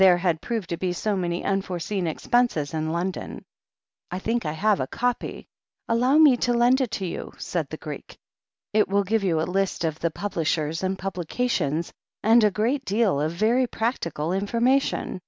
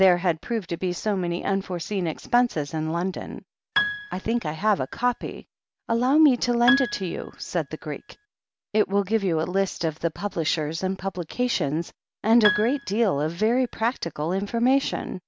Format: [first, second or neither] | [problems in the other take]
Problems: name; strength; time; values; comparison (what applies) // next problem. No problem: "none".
first | background sound (Piano); 7 dB below the speech